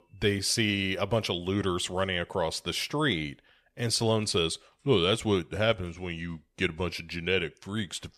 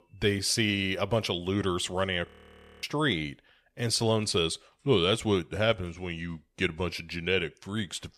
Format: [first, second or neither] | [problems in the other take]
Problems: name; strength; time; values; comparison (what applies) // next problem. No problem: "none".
first | audio freezing; at 2.5 s for 0.5 s